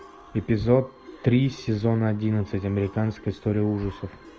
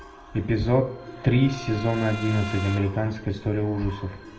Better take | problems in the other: first | background sound (Brass instrument); 15 dB below the speech // room echo; dies away in 0.4 s

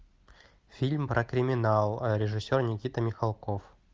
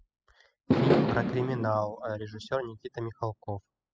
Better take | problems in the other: first | noise reduction (classical method spectral subtraction)

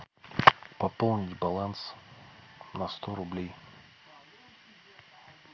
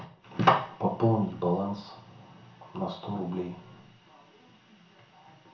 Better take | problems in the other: first | room echo; dies away in 0.6 s

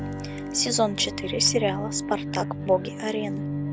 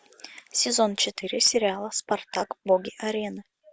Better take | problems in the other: second | background sound (Bowed string instrument); 5 dB below the speech

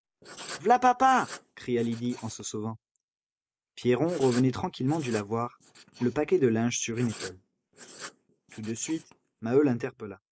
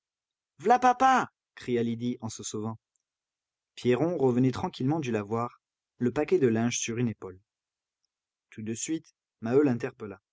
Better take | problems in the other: second | noise reduction (neural mask model Resemble Enhance denoiser)

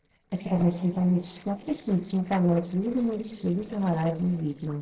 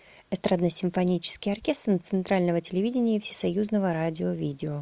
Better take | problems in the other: second | noise reduction (neural separator model SepFormer DNS4)

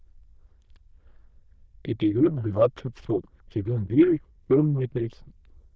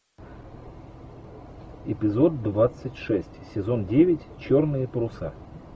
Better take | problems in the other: second | noise reduction (neural diffusion model UNIVERSE++)

